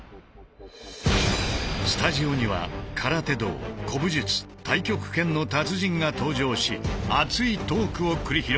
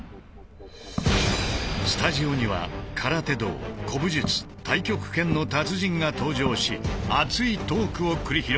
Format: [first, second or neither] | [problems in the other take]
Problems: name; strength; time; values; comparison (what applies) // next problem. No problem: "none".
first | background sound (Walk, footsteps); 14 dB below the speech